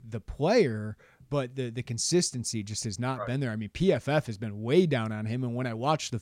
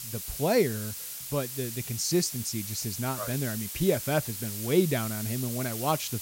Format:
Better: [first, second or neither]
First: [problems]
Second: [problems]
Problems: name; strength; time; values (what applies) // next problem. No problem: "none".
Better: first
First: none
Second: hiss; loud; throughout; 5 dB below the speech